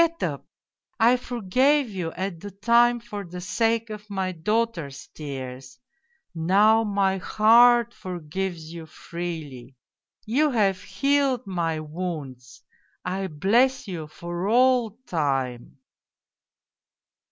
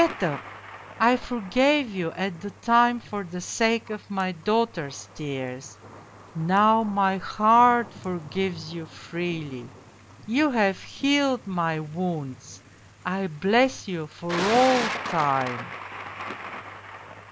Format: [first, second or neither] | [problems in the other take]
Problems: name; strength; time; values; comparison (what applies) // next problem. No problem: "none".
first | background sound (Thunder); 13 dB below the speech